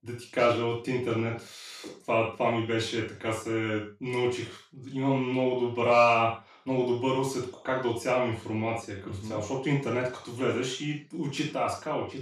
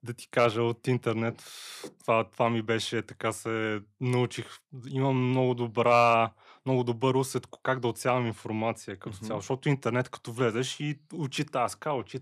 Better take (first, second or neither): second